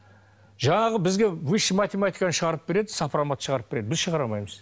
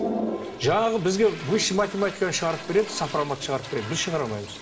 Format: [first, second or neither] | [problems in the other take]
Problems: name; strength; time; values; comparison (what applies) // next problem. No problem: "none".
first | background sound (Toilet flush); 9 dB below the speech // room echo; dies away in 2 s